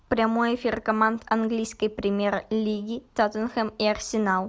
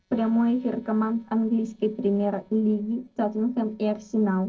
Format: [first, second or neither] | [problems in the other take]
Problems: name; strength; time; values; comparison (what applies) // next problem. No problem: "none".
first | noise reduction (neural separator model SepFormer DNS4)